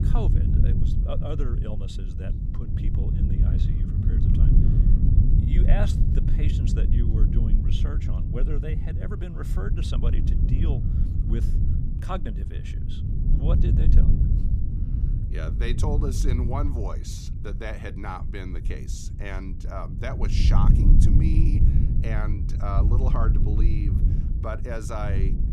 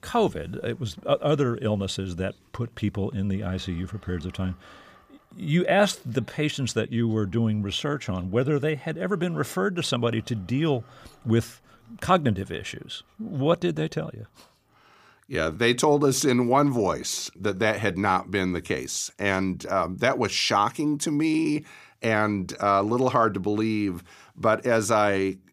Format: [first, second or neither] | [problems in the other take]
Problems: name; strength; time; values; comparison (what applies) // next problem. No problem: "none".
second | low rumble; loud; throughout; 2 dB below the speech